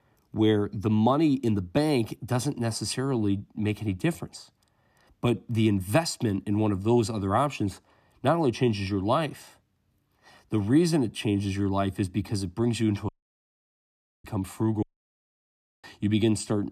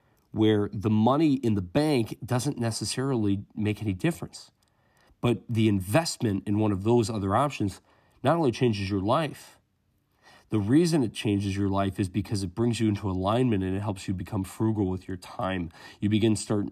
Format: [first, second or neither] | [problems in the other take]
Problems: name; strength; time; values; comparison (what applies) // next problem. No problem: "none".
second | audio cutting out; at 13 s for 1 s and at 15 s for 1 s